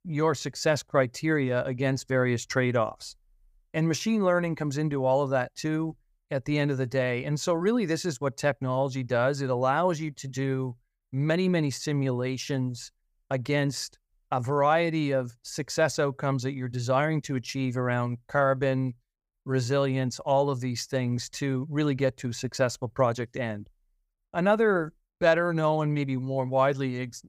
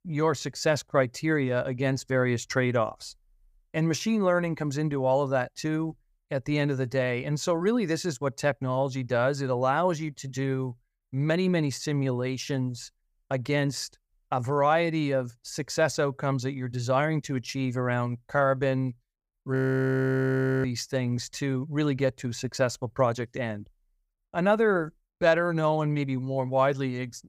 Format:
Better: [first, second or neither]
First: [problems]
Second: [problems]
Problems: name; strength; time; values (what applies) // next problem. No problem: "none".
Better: first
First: none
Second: audio freezing; at 20 s for 1 s